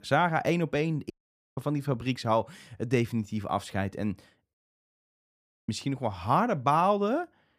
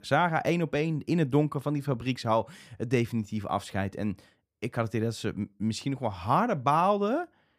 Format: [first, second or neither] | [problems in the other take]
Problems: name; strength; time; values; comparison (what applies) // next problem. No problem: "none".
second | audio cutting out; at 1 s and at 4.5 s for 1 s